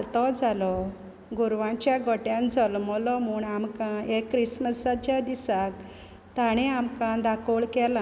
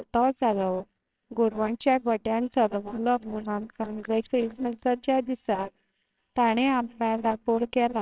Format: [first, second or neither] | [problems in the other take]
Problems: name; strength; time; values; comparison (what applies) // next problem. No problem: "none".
first | noise reduction (neural separator model SepFormer WHAMR!)